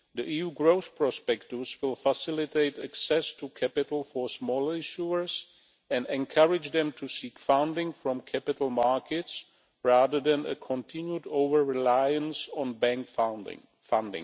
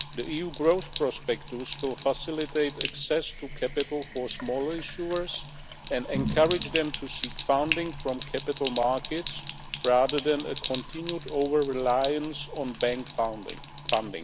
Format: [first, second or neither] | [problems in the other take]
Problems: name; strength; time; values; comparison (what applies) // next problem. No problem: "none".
first | background sound (Sink (filling or washing)); 9 dB below the speech